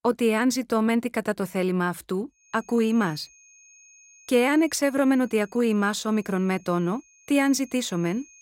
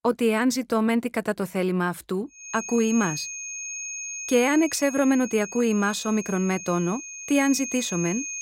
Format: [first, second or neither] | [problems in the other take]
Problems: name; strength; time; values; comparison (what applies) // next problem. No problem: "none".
first | high-pitched whine; loud; from 2.5 s on; 6.5 kHz, 9 dB below the speech; faint in the first